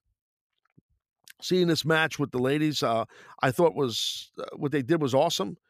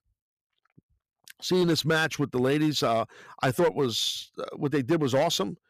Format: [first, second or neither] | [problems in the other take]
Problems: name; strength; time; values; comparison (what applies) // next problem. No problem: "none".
first | distortion; slight; 5% of the sound clipped